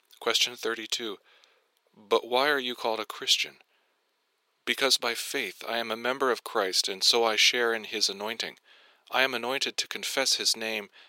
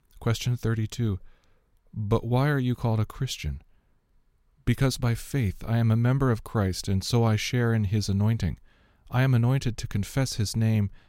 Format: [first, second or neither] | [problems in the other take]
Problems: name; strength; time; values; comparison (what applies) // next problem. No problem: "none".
second | thin; very; fading below 400 Hz